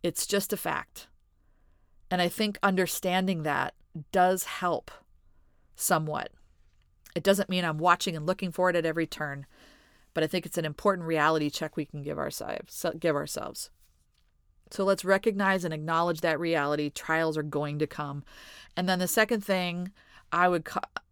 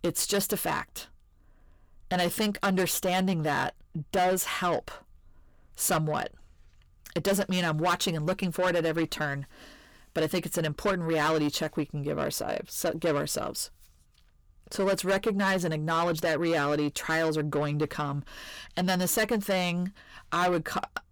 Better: first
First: none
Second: distortion; heavy; 7 dB below the speech

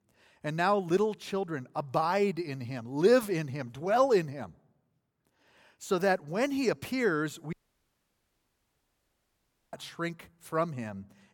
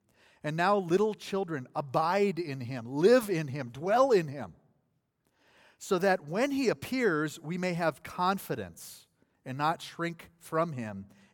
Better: second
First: audio cutting out; at 7.5 s for 2 s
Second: none

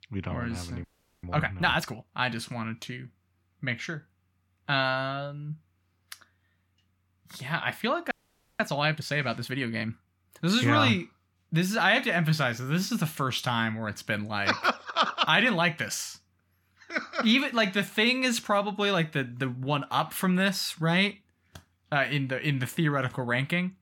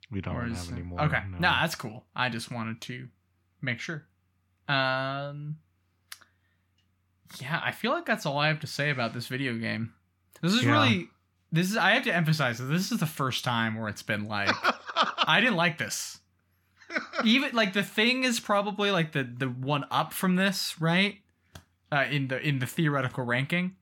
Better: second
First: audio freezing; at 1 s and at 8 s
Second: none

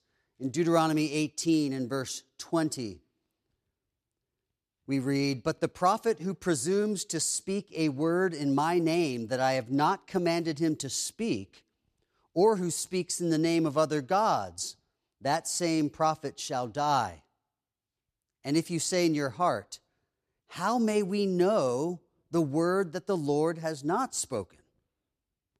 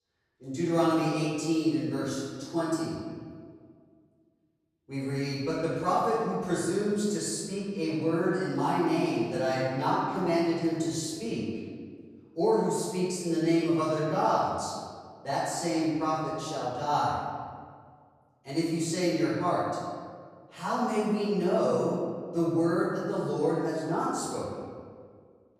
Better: first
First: none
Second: off-mic speech; far // room echo; strong; dies away in 1.6 s

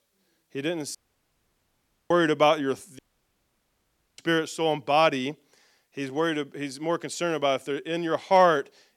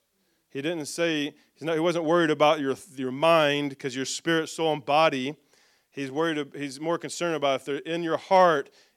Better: second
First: audio cutting out; at 1 s for 1 s and at 3 s for 1 s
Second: none

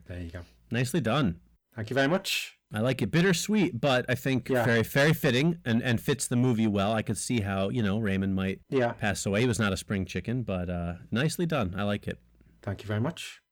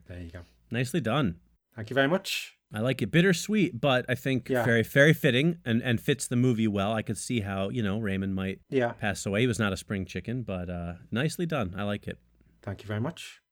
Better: second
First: distortion; slight; 10 dB below the speech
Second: none

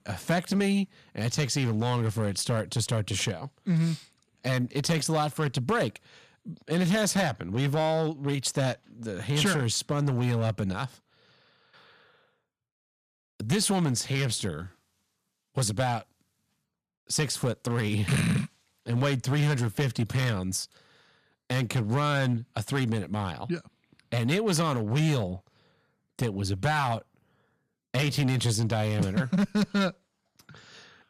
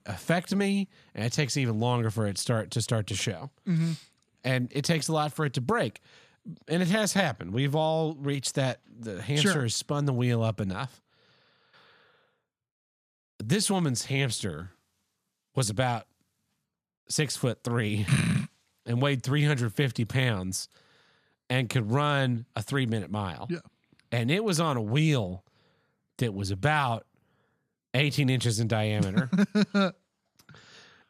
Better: second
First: distortion; slight; 5% of the sound clipped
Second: none

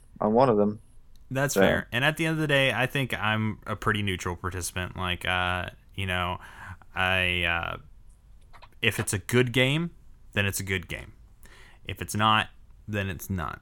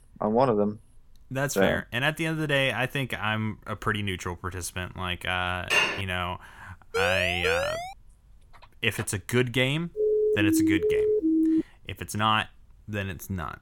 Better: first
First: none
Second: clattering dishes; loud; at 5.5 s; peak 5 dB above the speech // siren; noticeable; at 7 s; peak 1 dB below the speech // siren; loud; from 10 to 12 s; peak 5 dB above the speech

